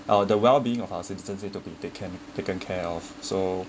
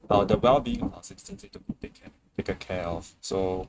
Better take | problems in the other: first | noise reduction (neural mask model RNNoise)

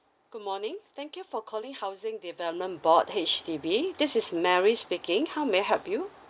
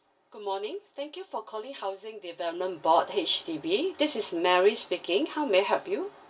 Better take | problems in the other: first | room echo; dies away in 0.2 s

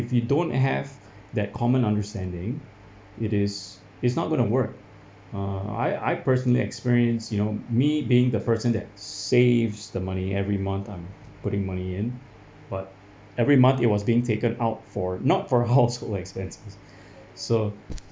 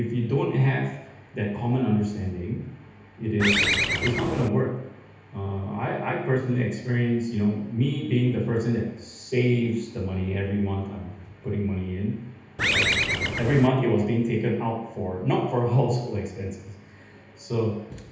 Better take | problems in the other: first | background sound (Bird); 2 dB above the speech // room echo; dies away in 0.9 s

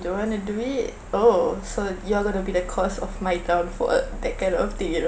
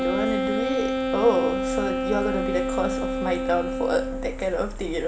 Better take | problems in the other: first | background sound (Wind instrument, woodwind instrument); 1 dB below the speech

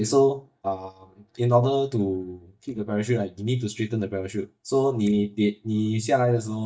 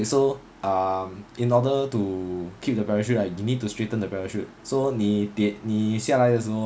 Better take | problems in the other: second | noise reduction (neural mask model DeepFilterNet 3)

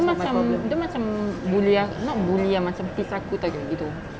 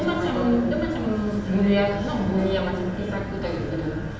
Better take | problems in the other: first | room echo; dies away in 0.7 s

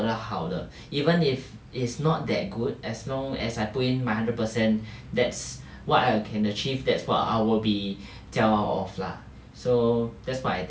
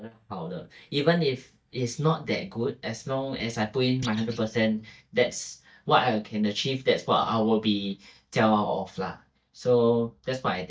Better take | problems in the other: first | noise reduction (neural mask model DeepFilterNet 3)

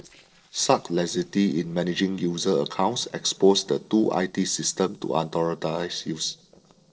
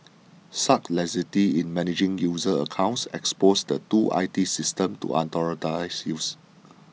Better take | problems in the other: second | noise reduction (neural separator model SepFormer DNS4)

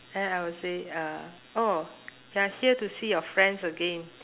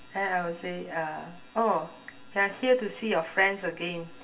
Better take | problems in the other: first | room echo; dies away in 0.2 s

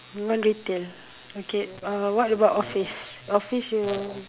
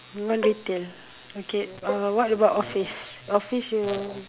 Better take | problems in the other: first | background sound (Bowed string instrument); 12 dB below the speech

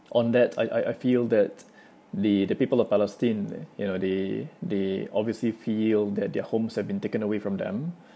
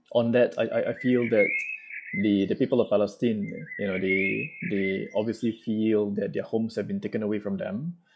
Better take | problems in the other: first | noise reduction (classical method log-MMSE)

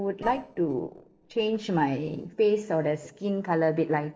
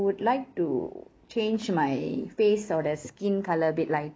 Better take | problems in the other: second | noise reduction (neural separator model SepFormer DNS4)

